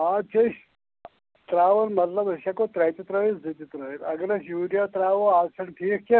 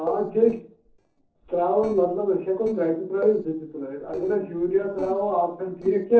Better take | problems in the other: first | noise reduction (neural separator model SepFormer DNS4)

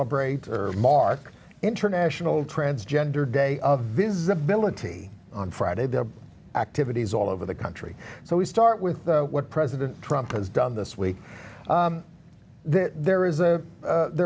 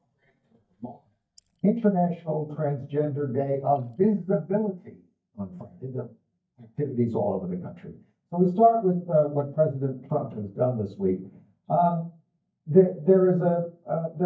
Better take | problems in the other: first | noise reduction (neural mask model DeepFilterNet 3)

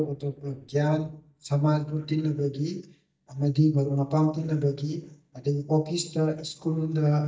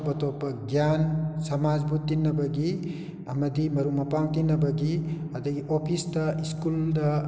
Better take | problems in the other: second | noise reduction (neural mask model DeepFilterNet 3)

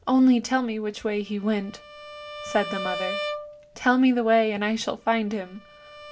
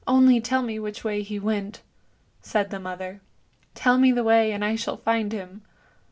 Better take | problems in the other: second | background sound (Bowed string instrument); 13 dB below the speech

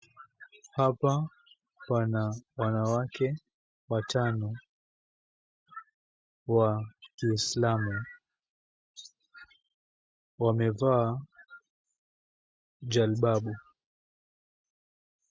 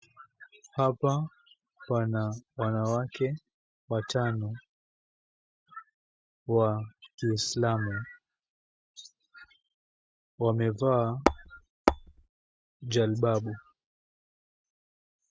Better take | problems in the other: first | background sound (Tap / Hammer); 4 dB above the speech

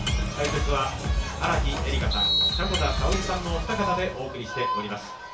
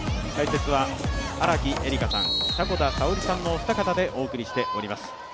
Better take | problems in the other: second | background sound (Shatter); 15 dB below the speech // room echo; dies away in 0.3 s

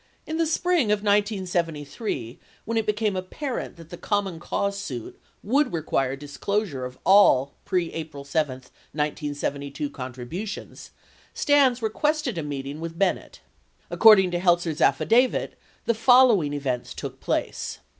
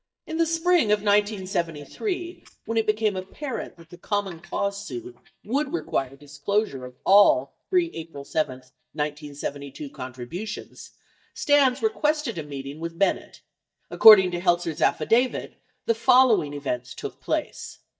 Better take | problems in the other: first | noise reduction (neural mask model DeepFilterNet 3)

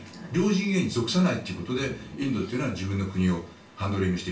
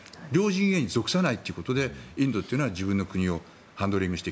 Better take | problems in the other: second | background sound (Rain); 19 dB below the speech // room echo; dies away in 0.3 s

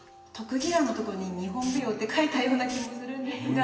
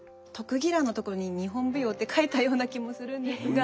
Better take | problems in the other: second | background sound (Hiss); 18 dB below the speech // room echo; dies away in 1.4 s

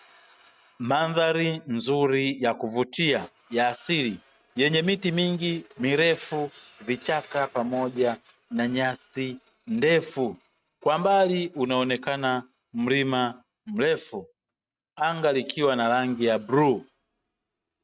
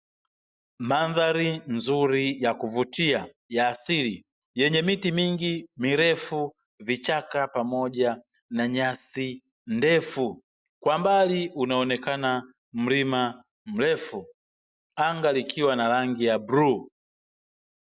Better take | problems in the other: second | noise reduction (neural mask model RNNoise)

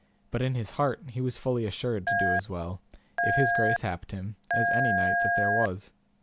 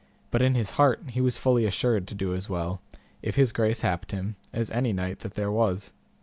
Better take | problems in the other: second | background sound (Telephone); 4 dB above the speech

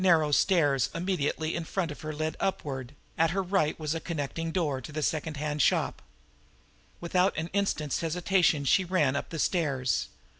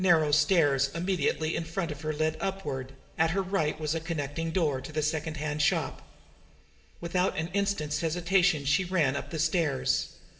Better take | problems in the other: first | room echo; dies away in 2.2 s

